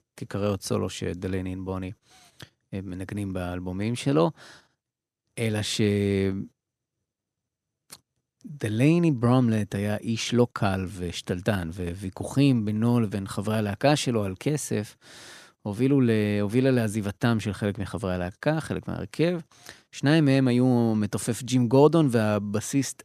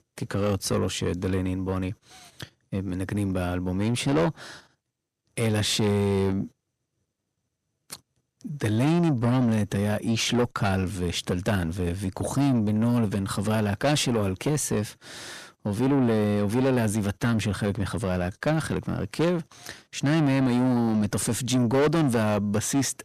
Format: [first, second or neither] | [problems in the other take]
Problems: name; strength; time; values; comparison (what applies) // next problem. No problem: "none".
first | distortion; heavy; 7 dB below the speech